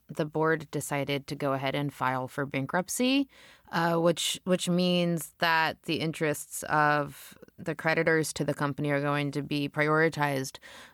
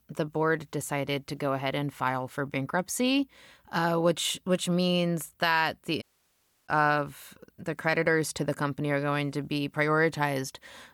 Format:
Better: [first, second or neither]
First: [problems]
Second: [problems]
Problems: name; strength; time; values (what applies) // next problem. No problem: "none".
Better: first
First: none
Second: audio cutting out; at 6 s for 0.5 s